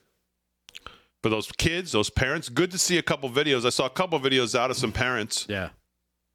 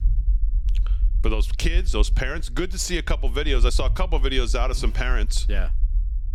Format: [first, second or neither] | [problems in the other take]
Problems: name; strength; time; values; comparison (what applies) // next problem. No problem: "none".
first | low rumble; faint; throughout; 20 dB below the speech